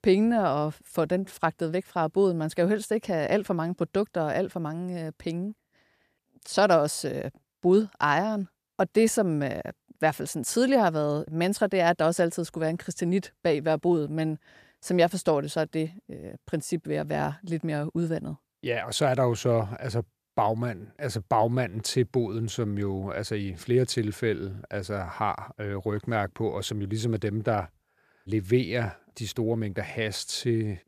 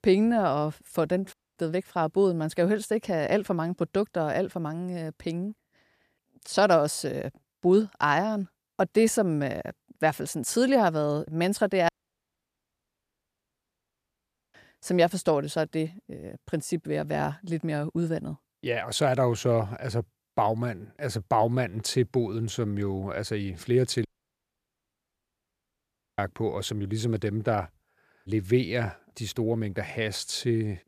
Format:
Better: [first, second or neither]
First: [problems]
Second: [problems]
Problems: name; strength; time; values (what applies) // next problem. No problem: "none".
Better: first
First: none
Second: audio cutting out; at 1.5 s, at 12 s for 2.5 s and at 24 s for 2 s